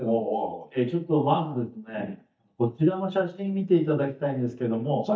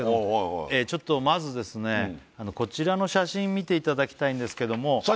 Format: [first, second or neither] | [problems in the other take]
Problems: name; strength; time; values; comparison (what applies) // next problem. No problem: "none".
second | noise reduction (neural mask model DeepFilterNet 3)